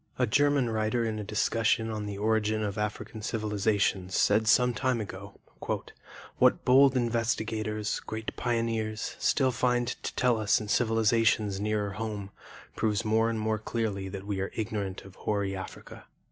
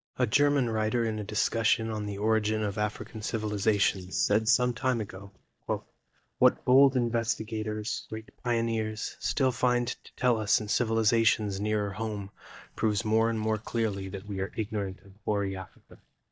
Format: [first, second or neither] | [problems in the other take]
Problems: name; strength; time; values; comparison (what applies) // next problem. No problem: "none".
first | noise reduction (neural mask model DeepFilterNet 3)